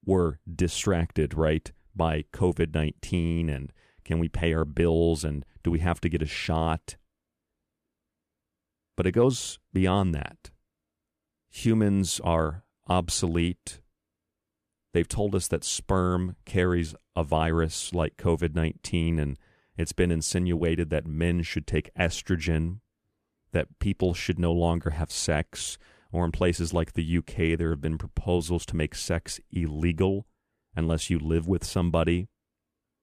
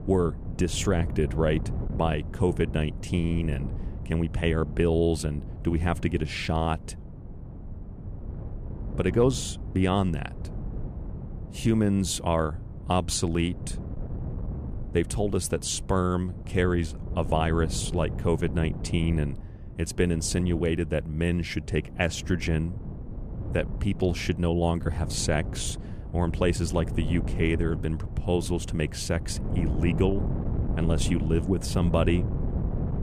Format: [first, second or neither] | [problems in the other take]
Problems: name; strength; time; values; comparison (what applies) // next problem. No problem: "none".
first | wind noise on the microphone; occasional gusts; 15 dB below the speech